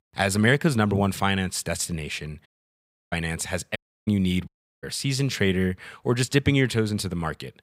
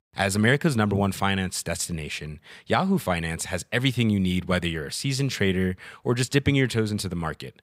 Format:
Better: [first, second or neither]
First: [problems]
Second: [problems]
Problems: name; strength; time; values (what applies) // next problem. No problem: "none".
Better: second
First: audio cutting out; at 2.5 s for 0.5 s, at 4 s and at 4.5 s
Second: none